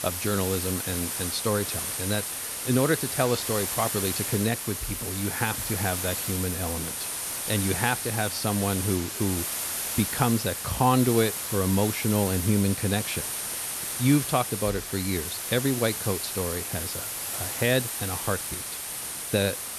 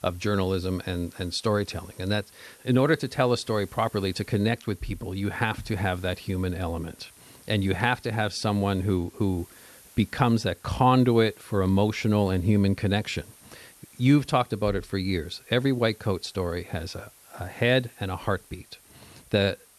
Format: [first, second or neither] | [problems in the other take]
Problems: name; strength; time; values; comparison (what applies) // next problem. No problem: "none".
second | hiss; loud; throughout; 2 dB below the speech; faint in the second